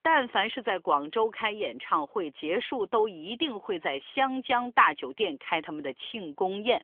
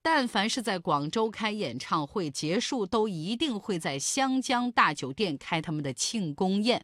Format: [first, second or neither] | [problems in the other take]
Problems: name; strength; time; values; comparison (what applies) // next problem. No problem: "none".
second | phone-call audio; nothing above 3.5 kHz